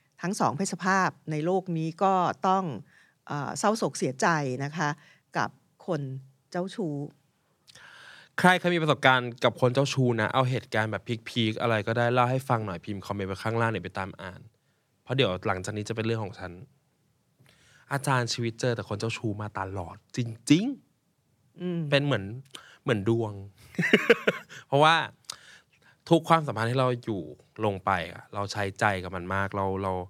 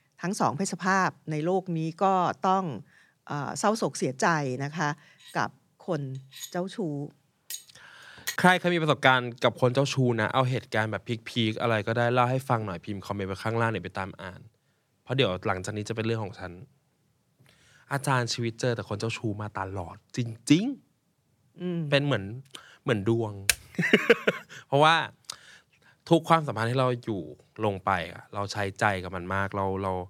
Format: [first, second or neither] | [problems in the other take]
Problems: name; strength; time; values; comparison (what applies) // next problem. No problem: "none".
first | clattering dishes; noticeable; from 6.5 to 8.5 s; peak 8 dB below the speech // keyboard typing; very faint; at 23 s; peak level with the speech